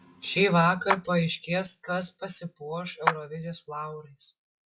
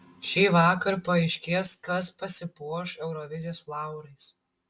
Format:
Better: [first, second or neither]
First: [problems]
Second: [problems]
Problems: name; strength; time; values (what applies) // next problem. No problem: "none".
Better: second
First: noise reduction (classical method log-MMSE)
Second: none